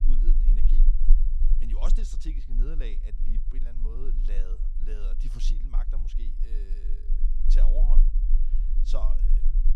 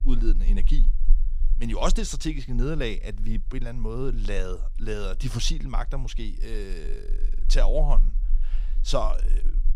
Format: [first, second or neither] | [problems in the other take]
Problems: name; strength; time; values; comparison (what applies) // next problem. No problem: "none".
second | low rumble; loud; throughout; 8 dB below the speech; faint in the second